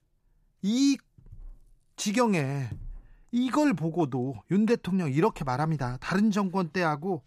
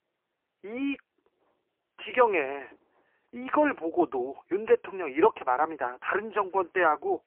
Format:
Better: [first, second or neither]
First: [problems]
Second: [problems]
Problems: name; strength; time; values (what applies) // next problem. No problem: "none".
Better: first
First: none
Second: phone-call audio; poor line; nothing above 3 kHz